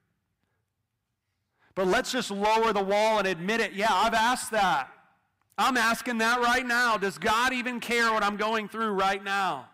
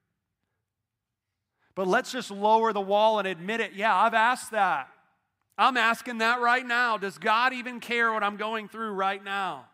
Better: second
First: distortion; heavy; 14% of the sound clipped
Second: none

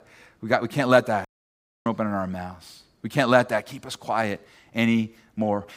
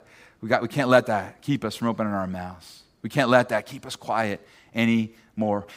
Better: second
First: audio cutting out; at 1.5 s for 0.5 s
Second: none

